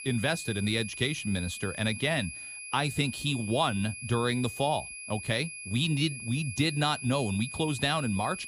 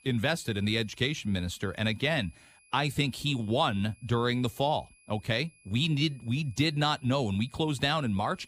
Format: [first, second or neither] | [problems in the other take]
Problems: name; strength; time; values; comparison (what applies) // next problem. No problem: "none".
second | high-pitched whine; loud; throughout; 2.5 kHz, 9 dB below the speech; faint in the second